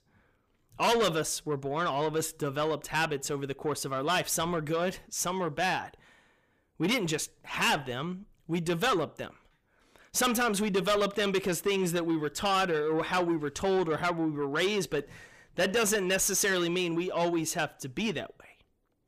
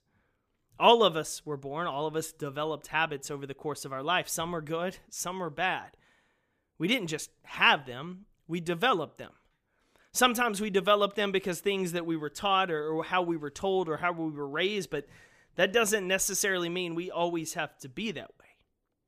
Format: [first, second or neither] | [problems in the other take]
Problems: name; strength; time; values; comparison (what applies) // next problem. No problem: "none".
second | distortion; heavy; 6 dB below the speech